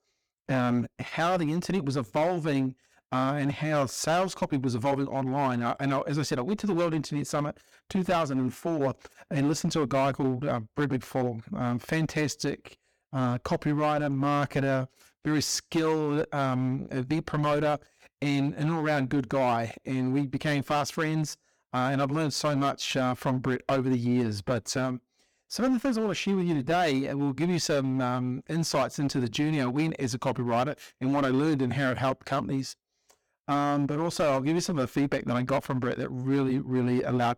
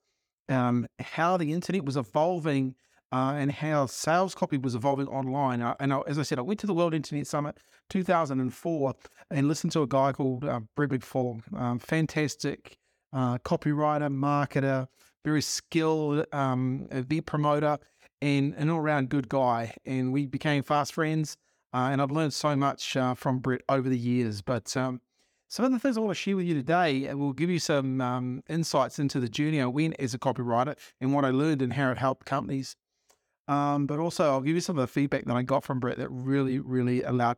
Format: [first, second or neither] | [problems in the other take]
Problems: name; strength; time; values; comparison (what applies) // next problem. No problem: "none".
second | distortion; slight; 10% of the sound clipped